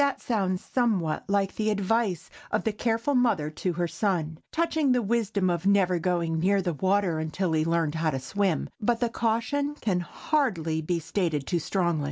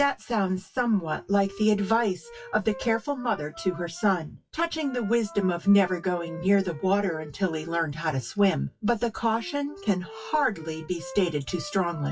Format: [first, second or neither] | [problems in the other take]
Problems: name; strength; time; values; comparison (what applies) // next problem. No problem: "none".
first | noise reduction (classical method WPE with log-MMSE)